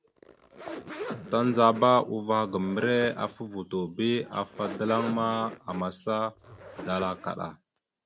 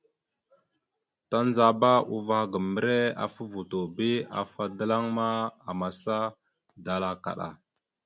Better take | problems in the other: second | background sound (Zipper (clothing)); 14 dB below the speech

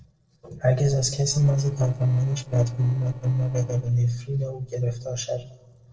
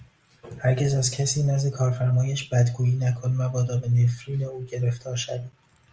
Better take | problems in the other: second | noise reduction (neural separator model SepFormer DNS4)

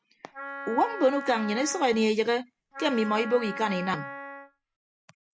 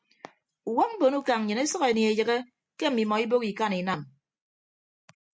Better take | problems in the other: second | background sound (Wind instrument, woodwind instrument); 11 dB below the speech

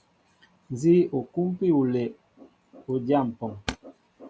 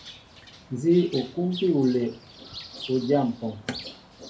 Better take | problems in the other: first | background sound (Bird); 17 dB below the speech // room echo; dies away in 0.3 s

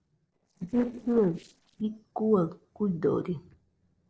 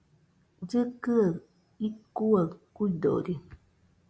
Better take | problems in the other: second | noise reduction (neural separator model SepFormer DNS4)

